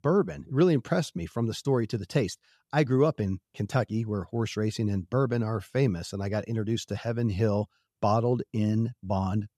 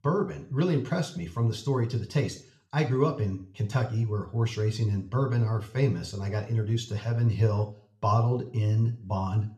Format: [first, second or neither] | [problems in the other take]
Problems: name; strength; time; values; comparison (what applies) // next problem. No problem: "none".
first | room echo; very slight; dies away in 0.4 s